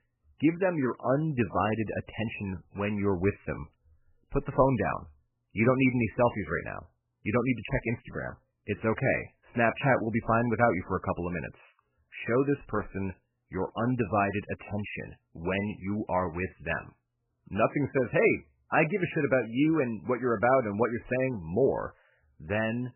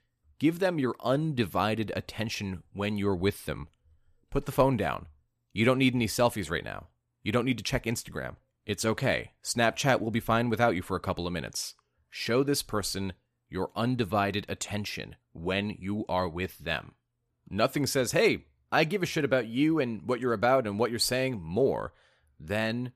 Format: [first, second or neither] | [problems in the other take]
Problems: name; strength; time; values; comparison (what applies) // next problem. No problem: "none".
second | garbled, watery; badly; nothing above 2.5 kHz